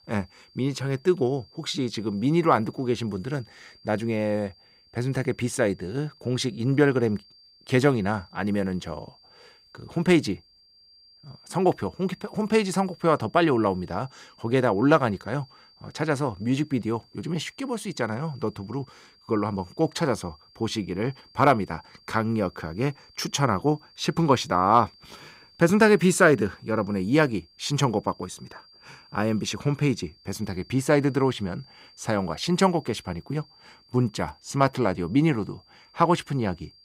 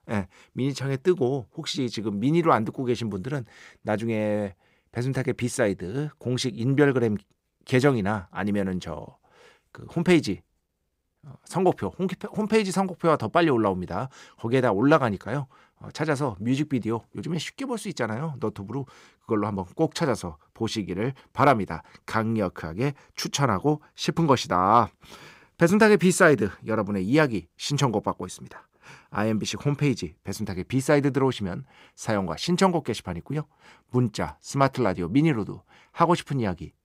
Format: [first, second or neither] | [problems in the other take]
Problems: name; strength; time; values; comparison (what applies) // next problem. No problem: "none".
second | high-pitched whine; faint; throughout; 4.5 kHz, 30 dB below the speech